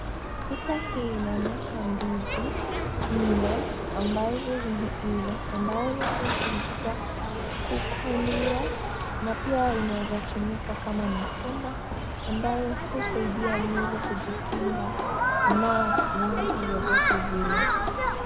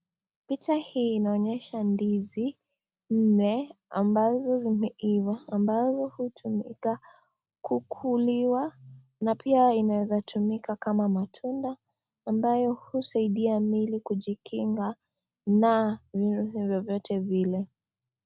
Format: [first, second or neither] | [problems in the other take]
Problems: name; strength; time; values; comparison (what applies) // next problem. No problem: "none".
second | background sound (Human group actions); 2 dB above the speech